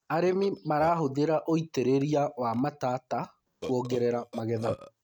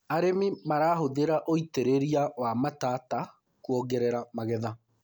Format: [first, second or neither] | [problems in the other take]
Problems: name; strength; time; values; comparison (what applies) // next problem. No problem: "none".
second | noise reduction (neural mask model RNNoise)